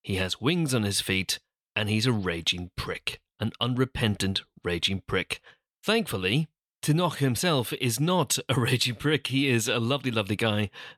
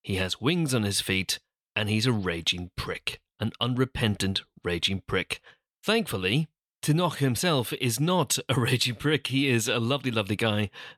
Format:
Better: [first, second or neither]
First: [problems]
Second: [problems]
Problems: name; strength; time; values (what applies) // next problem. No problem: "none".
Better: neither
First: none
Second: none